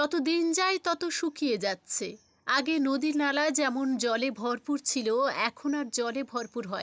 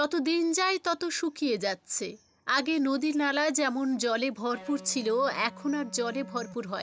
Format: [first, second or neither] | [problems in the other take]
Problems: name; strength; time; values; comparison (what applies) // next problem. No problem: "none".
first | background sound (Electric guitar); 17 dB below the speech